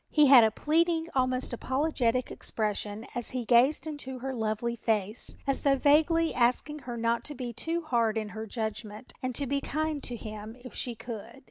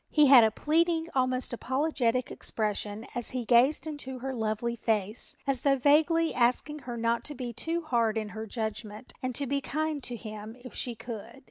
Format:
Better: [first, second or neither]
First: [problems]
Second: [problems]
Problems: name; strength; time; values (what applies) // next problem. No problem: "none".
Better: second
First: background sound (Knock); 19 dB below the speech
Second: none